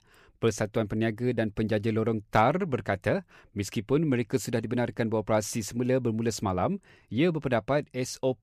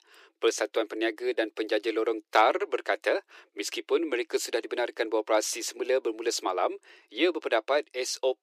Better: first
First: none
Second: thin; very; fading below 300 Hz

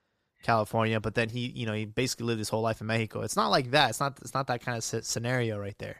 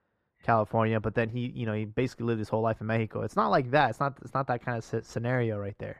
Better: first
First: none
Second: muffled; very; fading above 3 kHz

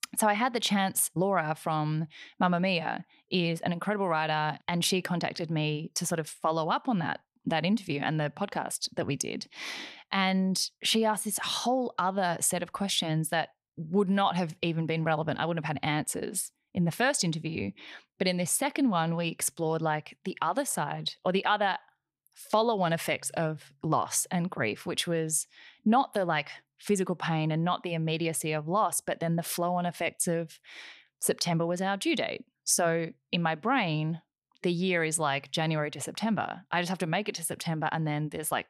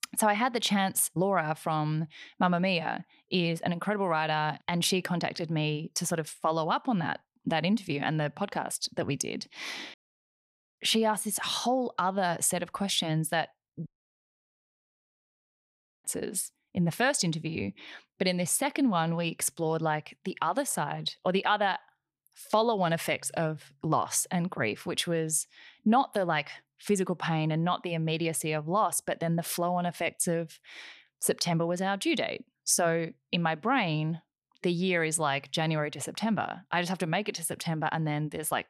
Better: first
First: none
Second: audio cutting out; at 10 s for 1 s and at 14 s for 2 s

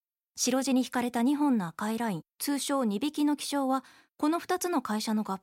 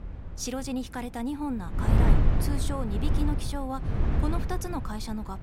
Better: first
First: none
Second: wind noise on the microphone; heavy; 2 dB below the speech

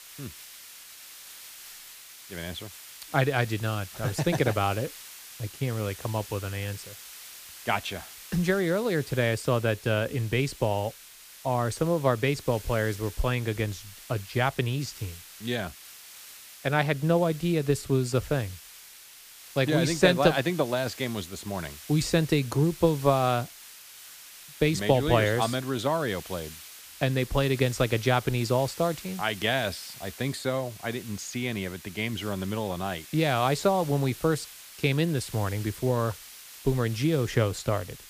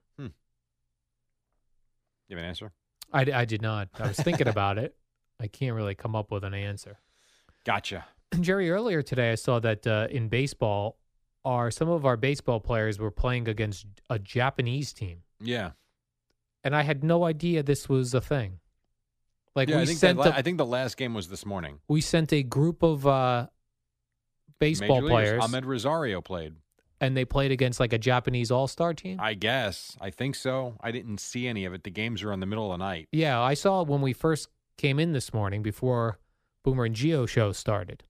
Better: second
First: hiss; noticeable; throughout; 15 dB below the speech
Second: none

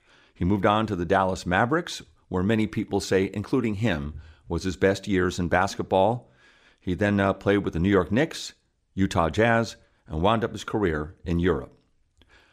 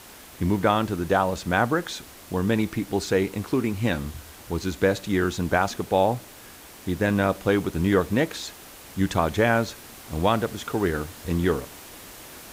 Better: first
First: none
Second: hiss; noticeable; throughout; 20 dB below the speech

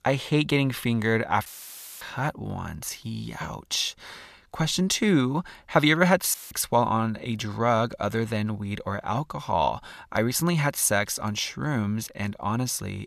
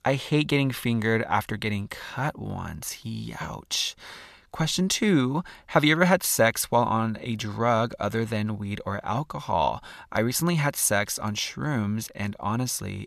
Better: second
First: audio cutting out; filled with static; at 1.5 s for 0.5 s and at 6.5 s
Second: none

